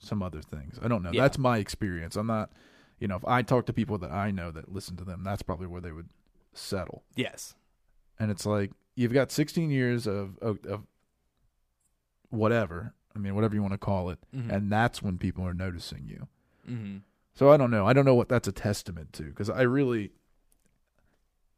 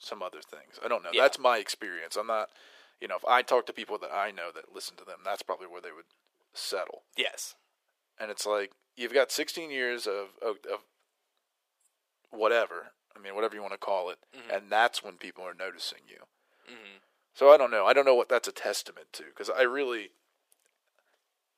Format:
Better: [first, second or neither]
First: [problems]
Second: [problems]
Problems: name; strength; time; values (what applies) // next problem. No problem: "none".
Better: first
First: none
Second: thin; very; fading below 450 Hz